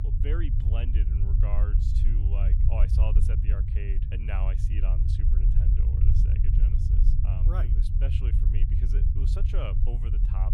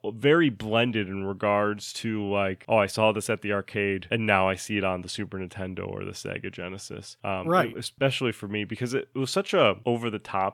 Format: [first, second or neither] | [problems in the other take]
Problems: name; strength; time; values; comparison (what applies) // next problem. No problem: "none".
second | low rumble; loud; throughout; as loud as the speech